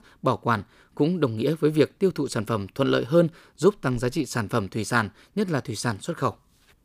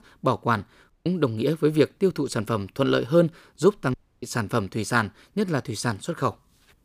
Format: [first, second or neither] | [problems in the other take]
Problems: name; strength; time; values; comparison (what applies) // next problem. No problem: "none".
first | audio cutting out; at 1 s and at 4 s